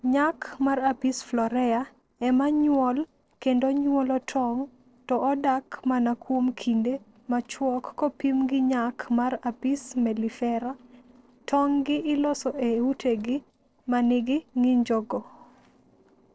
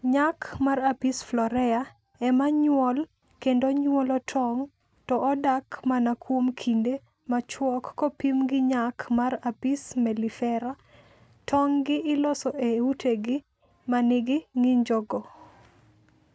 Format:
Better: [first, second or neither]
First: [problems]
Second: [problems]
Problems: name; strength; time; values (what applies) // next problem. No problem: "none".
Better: second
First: noise reduction (neural separator model SepFormer DNS4)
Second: none